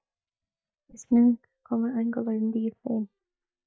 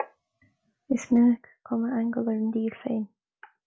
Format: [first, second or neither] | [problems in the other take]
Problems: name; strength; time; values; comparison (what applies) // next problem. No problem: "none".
second | noise reduction (neural mask model DeepFilterNet 3)